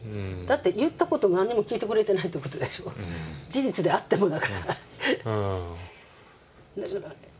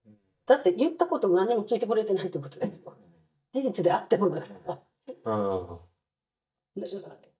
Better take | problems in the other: first | noise reduction (neural mask model DeepFilterNet 3)

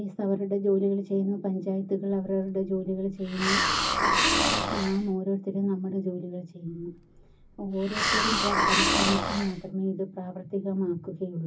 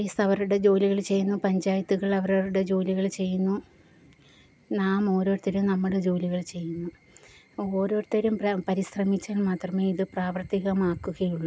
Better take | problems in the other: second | background sound (Hiss); 2 dB above the speech // room echo; dies away in 0.4 s

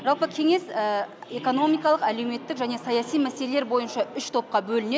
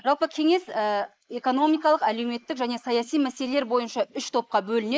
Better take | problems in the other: first | noise reduction (neural mask model Resemble Enhance denoiser)

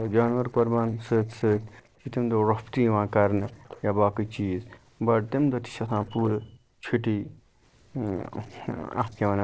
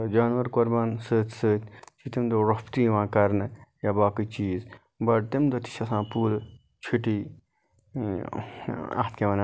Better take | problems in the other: second | noise reduction (neural separator model SepFormer DNS4)

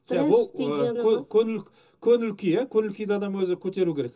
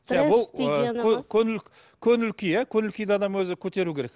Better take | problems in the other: second | room echo; dies away in 0.2 s

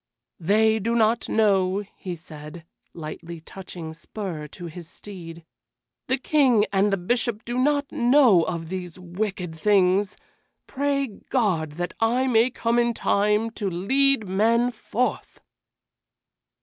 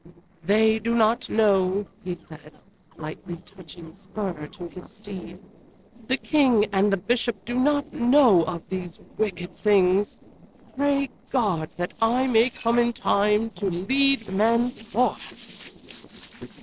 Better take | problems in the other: first | noise reduction (neural separator model SepFormer DNS4)

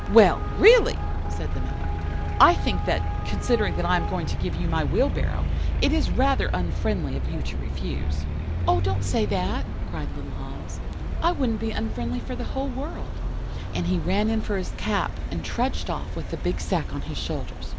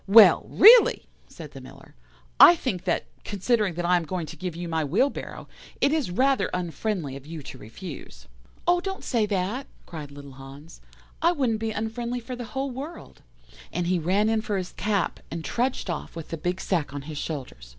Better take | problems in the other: second | background sound (Traffic noise, roadway noise); 1 dB below the speech

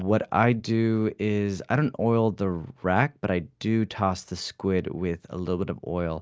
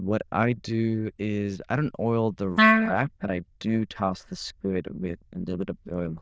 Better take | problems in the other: first | noise reduction (neural diffusion model UNIVERSE++)

